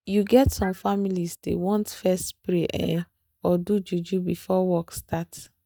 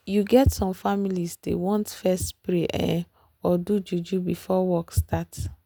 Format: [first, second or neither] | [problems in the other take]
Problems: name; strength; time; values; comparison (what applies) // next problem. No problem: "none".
second | noise reduction (neural mask model DeepFilterNet 3)